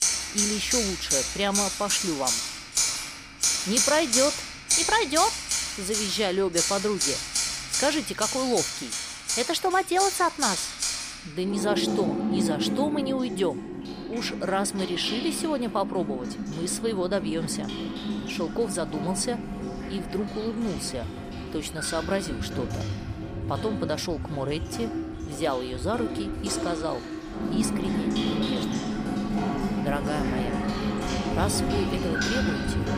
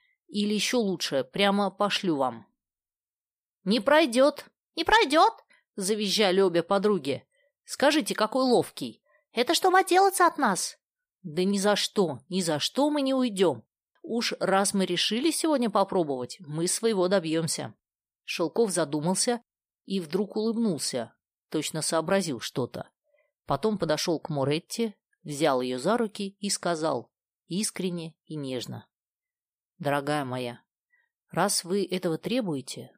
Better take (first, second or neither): second